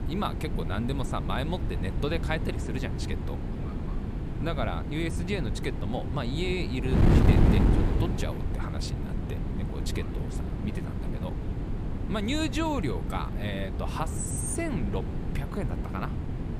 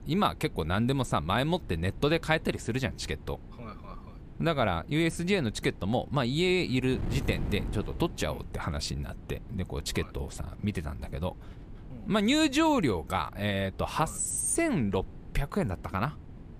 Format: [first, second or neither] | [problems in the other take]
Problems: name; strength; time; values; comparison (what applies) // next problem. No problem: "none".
second | wind noise on the microphone; heavy; 3 dB below the speech; occasional gusts in the second